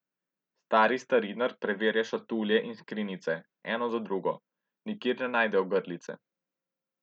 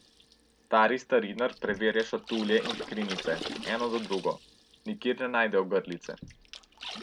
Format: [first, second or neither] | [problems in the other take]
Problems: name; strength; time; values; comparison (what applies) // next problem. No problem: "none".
first | background sound (Water / Splash, splatter); 13 dB below the speech